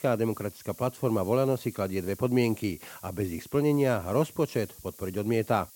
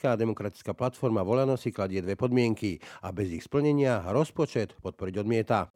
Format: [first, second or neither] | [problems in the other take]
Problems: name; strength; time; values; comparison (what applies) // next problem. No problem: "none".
second | hiss; noticeable; throughout; 20 dB below the speech